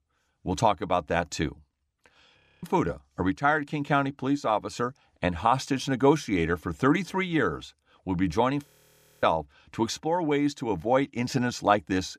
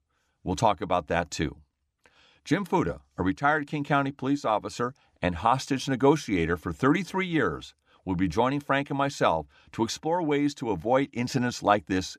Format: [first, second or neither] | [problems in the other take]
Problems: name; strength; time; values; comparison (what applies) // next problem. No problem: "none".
second | audio freezing; at 2.5 s and at 8.5 s for 0.5 s